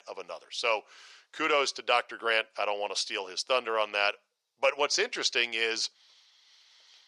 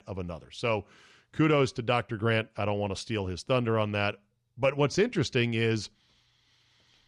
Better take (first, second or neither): second